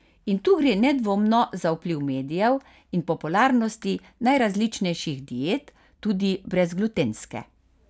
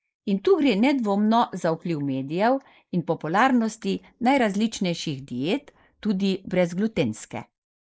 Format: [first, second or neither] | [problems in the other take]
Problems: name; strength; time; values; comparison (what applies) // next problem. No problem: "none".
first | noise reduction (neural mask model Resemble Enhance denoiser)